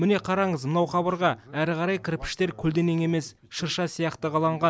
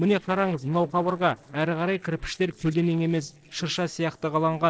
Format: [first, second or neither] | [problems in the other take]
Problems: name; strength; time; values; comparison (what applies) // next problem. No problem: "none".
first | noise reduction (neural separator model SepFormer DNS4)